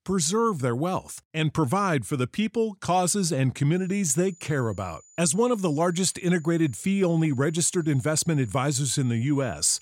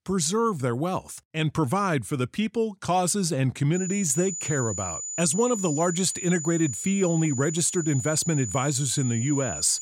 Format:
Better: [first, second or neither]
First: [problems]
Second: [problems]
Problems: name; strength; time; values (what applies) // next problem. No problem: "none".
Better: first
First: high-pitched whine; faint; from 4 s on; 7 kHz, 30 dB below the speech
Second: high-pitched whine; loud; from 4 s on; 7 kHz, 6 dB below the speech